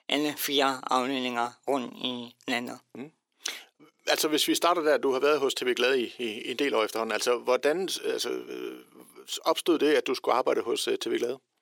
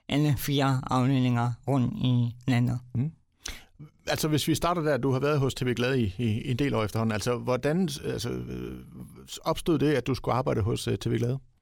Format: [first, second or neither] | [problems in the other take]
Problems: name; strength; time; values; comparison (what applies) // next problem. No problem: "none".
second | thin; somewhat; fading below 350 Hz